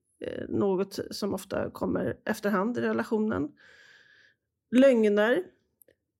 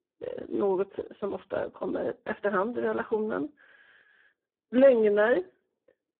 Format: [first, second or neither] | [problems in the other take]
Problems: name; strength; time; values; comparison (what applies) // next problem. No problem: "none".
first | phone-call audio; poor line